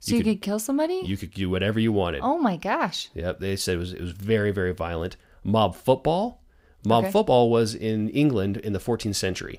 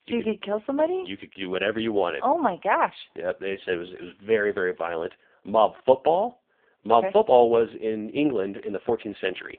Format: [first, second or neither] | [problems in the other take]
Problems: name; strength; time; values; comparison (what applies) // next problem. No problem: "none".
first | phone-call audio; poor line